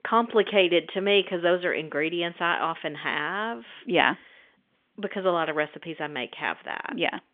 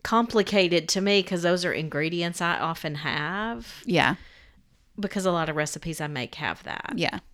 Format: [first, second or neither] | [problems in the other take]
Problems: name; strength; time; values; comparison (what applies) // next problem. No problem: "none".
second | phone-call audio; nothing above 3.5 kHz